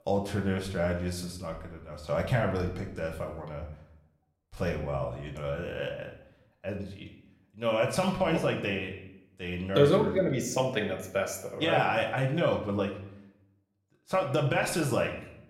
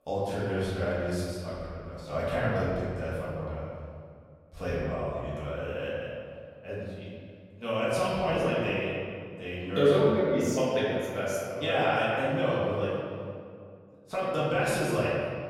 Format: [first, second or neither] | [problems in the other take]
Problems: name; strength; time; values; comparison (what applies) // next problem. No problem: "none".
first | room echo; strong; dies away in 1.9 s; slight in the first // off-mic speech; far; somewhat distant in the first